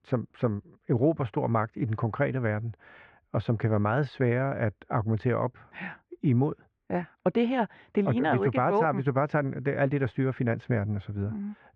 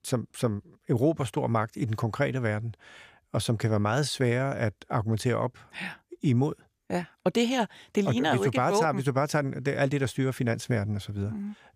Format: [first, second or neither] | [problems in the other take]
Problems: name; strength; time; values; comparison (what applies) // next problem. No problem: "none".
second | muffled; very; fading above 2 kHz